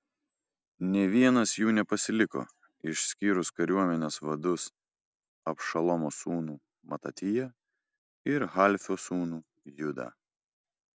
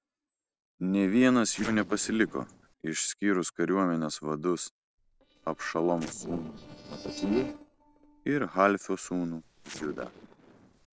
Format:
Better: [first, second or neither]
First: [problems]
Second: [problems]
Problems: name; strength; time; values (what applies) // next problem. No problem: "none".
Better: first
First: none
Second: noise reduction (neural separator model SepFormer DNS4)